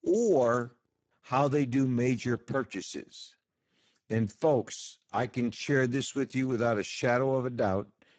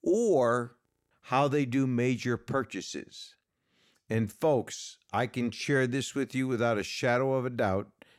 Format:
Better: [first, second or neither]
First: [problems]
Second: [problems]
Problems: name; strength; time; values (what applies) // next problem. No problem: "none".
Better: second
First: garbled, watery; badly; nothing above 7.5 kHz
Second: none